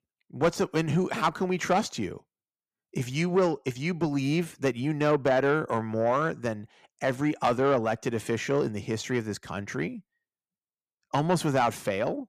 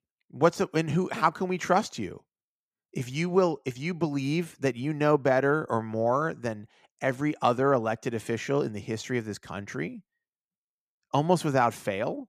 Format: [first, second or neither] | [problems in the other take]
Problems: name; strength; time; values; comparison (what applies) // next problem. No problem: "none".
second | distortion; slight; 10 dB below the speech